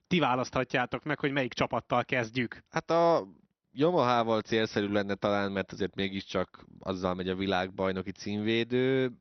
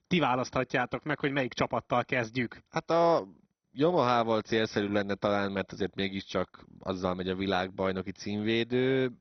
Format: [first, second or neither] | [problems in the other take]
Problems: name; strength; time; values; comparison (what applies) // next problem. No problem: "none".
first | garbled, watery; badly; nothing above 6 kHz; slightly in the first